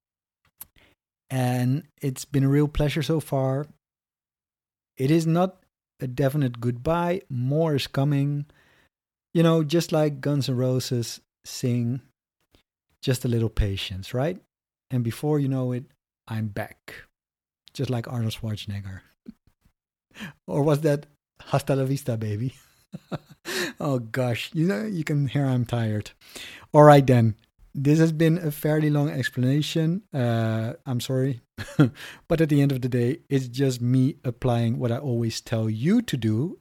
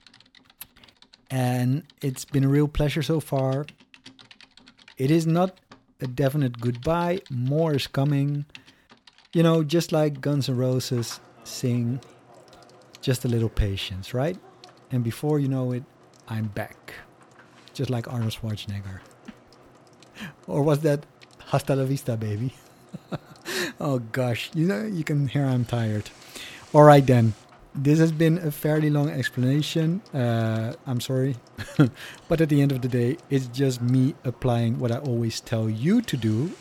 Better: first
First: none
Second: household noises; faint; throughout; 25 dB below the speech

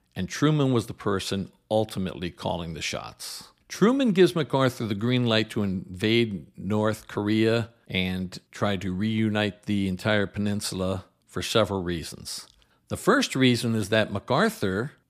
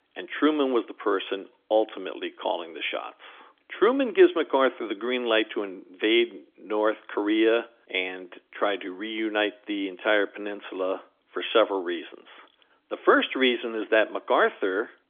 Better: first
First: none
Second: phone-call audio; nothing above 3.5 kHz

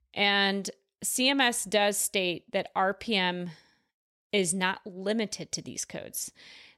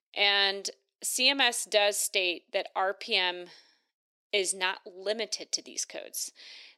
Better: first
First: none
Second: thin; somewhat; fading below 300 Hz

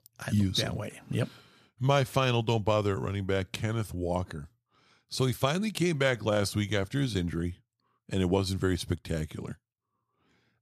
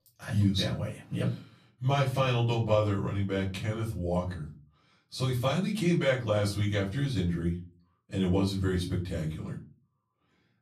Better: first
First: none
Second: off-mic speech; far // room echo; very slight; dies away in 0.3 s

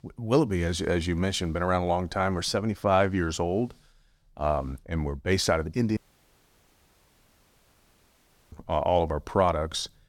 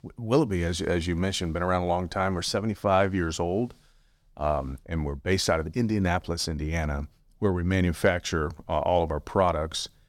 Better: second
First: audio cutting out; at 6 s for 2.5 s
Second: none

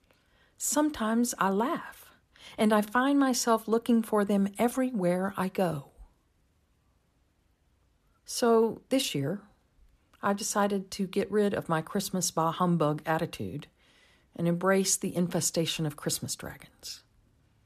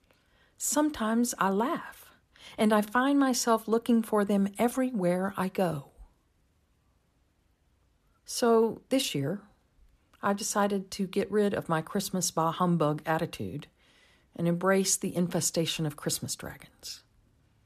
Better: neither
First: none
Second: none

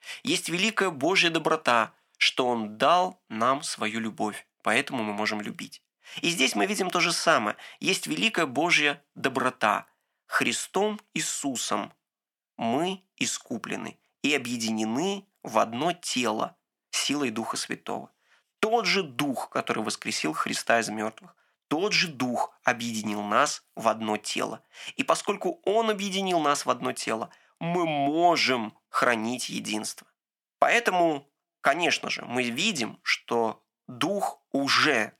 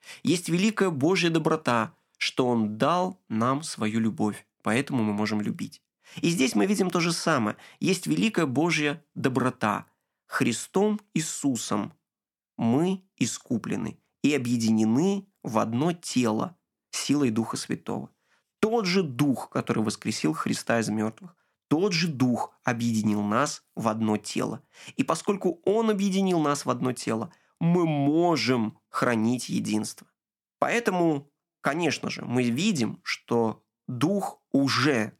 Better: second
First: thin; somewhat; fading below 550 Hz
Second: none

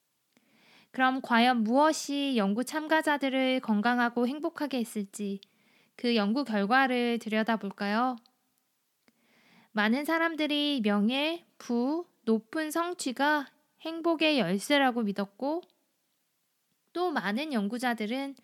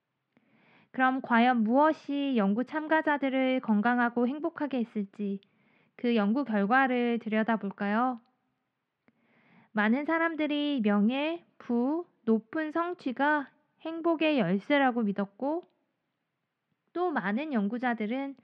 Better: first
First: none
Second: muffled; very; fading above 2.5 kHz

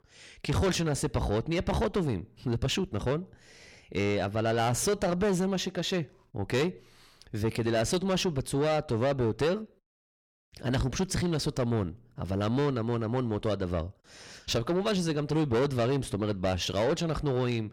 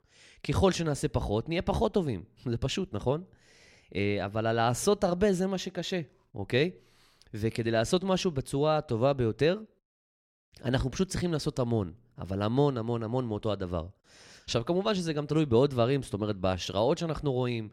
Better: second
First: distortion; heavy; 8 dB below the speech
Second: none

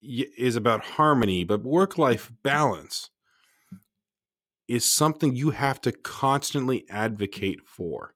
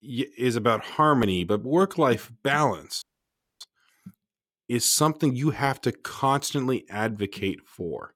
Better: first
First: none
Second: audio freezing; at 3 s for 0.5 s

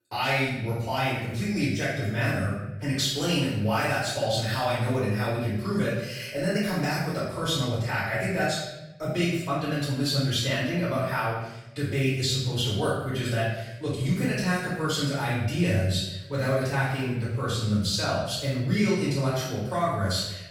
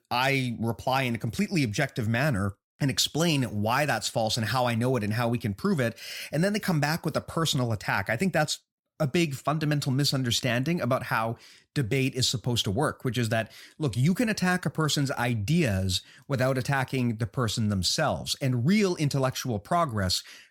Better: second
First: off-mic speech; far // room echo; noticeable; dies away in 0.8 s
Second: none

